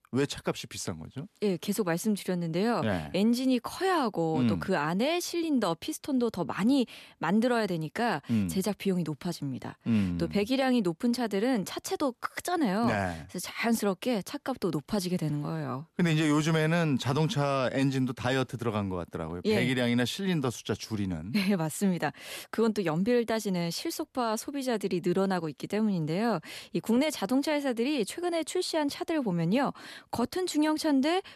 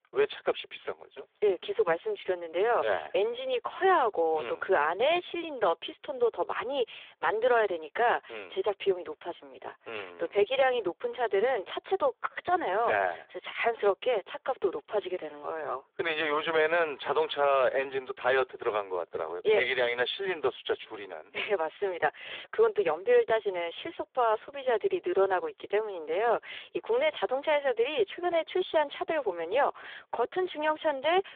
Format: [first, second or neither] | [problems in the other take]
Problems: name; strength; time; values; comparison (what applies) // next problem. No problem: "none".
first | phone-call audio; poor line